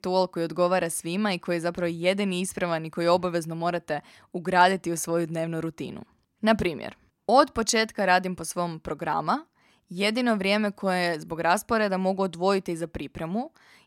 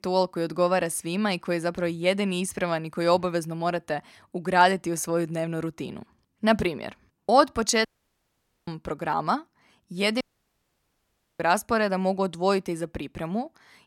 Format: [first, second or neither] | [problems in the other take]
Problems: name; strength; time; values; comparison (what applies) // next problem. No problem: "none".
first | audio cutting out; at 8 s for 1 s and at 10 s for 1 s